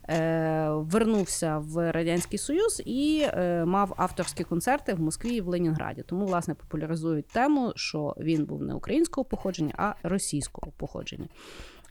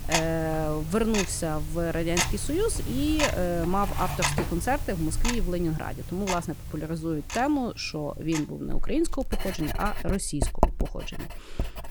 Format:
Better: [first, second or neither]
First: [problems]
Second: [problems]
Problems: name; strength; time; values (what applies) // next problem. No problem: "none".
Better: first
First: household noises; faint; throughout; 20 dB below the speech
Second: household noises; loud; throughout; 4 dB below the speech